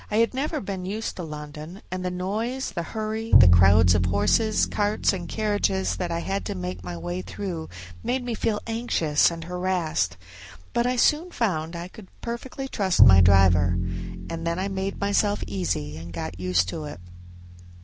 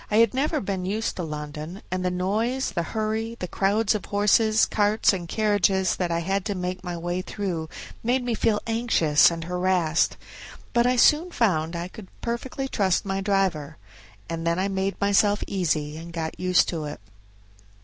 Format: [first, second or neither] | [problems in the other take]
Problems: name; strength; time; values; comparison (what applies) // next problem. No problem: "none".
second | background sound (Bowed string instrument); 1 dB above the speech